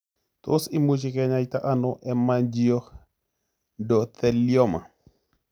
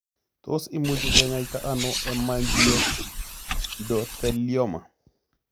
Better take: first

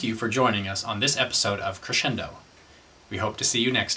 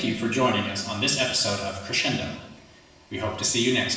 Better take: first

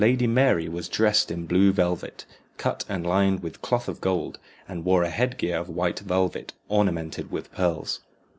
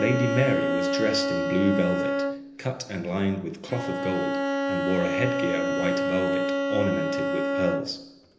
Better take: first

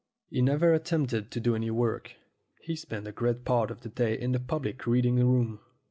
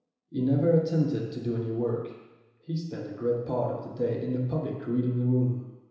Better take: first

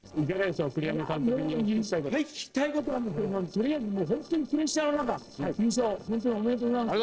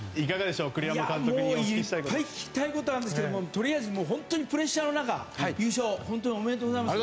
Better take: second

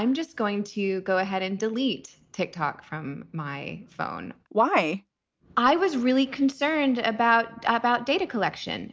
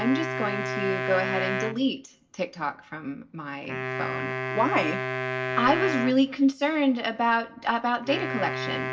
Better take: first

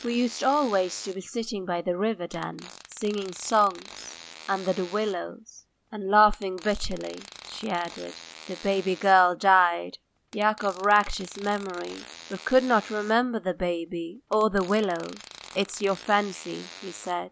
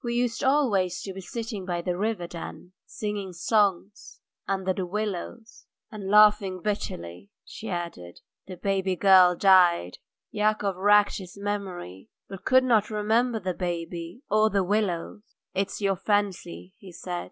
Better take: second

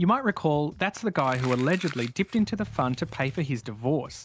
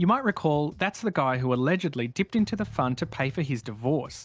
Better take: second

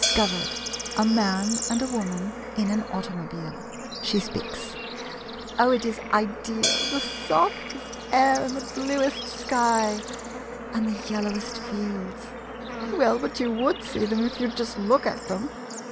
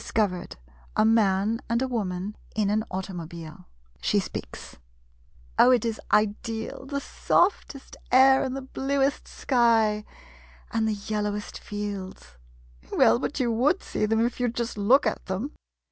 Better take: second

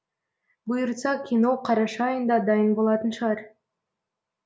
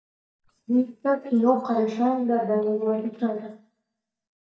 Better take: first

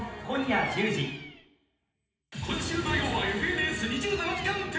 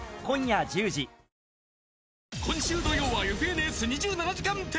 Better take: second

